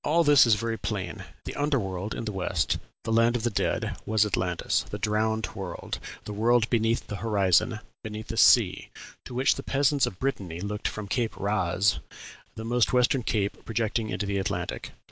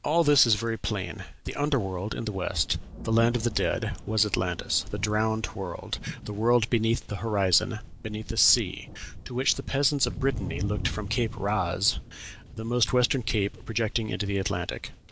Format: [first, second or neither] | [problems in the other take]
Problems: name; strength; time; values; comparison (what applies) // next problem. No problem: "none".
first | background sound (Thunder); 13 dB below the speech